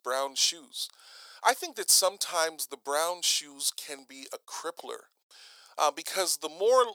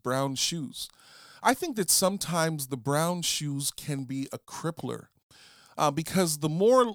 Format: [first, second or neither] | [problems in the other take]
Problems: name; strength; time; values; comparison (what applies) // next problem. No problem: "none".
second | thin; very; fading below 450 Hz